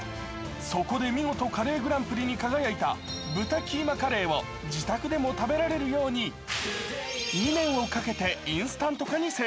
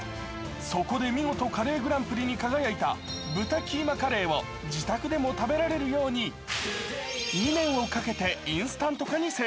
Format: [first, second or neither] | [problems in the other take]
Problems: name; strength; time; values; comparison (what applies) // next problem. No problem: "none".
first | background sound (Piano); 19 dB below the speech